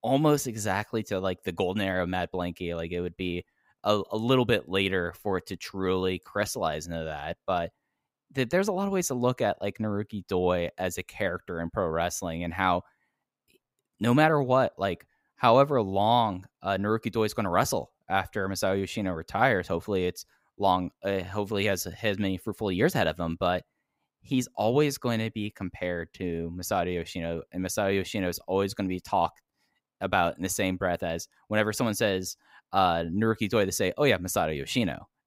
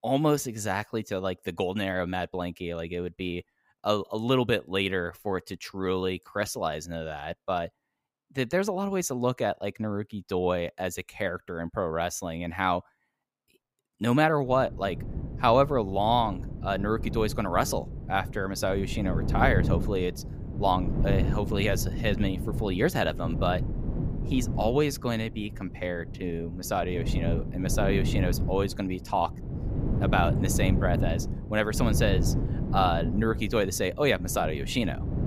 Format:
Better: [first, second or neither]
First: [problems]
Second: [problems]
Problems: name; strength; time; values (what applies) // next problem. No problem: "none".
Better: first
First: none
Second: wind noise on the microphone; occasional gusts; from 14 s on; 10 dB below the speech